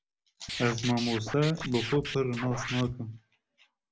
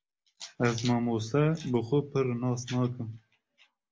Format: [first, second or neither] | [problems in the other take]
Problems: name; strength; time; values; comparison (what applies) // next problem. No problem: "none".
second | background sound (Scratching (performance technique)); 7 dB below the speech